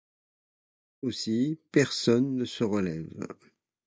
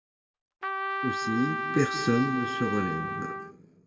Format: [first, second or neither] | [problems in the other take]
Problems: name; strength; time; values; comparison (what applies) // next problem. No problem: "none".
first | background sound (Trumpet); 2 dB below the speech // room echo; dies away in 1.6 s